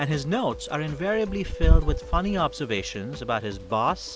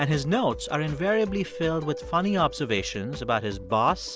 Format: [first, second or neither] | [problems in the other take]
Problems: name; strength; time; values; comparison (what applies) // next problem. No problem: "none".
second | background sound (Wind / Bird); as loud as the speech